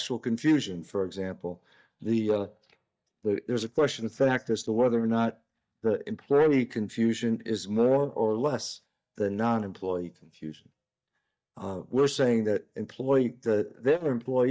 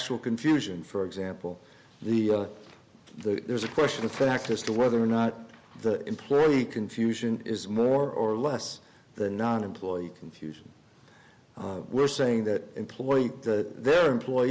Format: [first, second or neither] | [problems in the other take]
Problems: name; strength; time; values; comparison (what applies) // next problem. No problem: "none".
second | noise reduction (neural mask model DeepFilterNet 3)